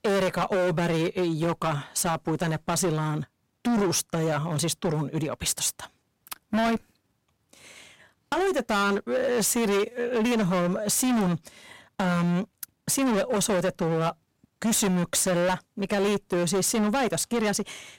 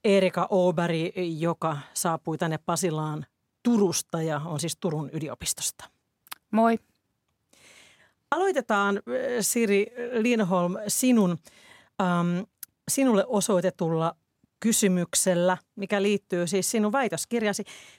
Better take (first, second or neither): second